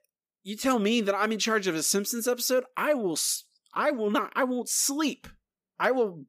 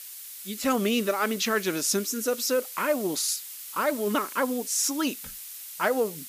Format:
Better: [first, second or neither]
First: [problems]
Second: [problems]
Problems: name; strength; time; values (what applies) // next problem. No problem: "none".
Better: first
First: none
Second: hiss; noticeable; throughout; 10 dB below the speech